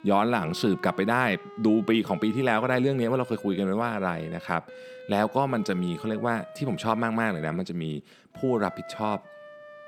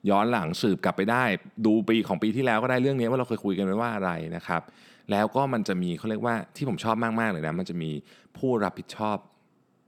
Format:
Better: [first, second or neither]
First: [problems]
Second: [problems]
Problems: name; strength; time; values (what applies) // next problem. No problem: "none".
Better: second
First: background music; noticeable; throughout; 20 dB below the speech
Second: none